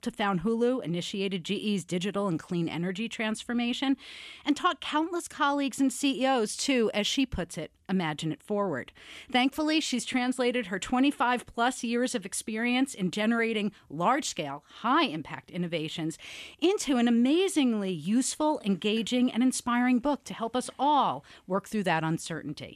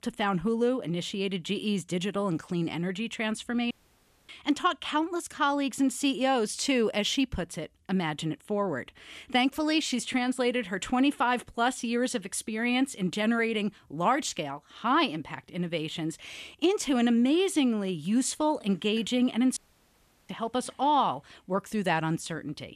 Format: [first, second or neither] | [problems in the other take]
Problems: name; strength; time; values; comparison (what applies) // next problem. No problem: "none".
first | audio cutting out; at 3.5 s for 0.5 s and at 20 s for 0.5 s